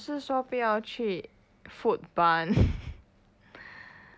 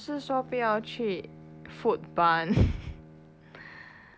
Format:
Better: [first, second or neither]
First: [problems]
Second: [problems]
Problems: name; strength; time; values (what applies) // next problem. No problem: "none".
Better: first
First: none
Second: background sound (Bowed string instrument); 19 dB below the speech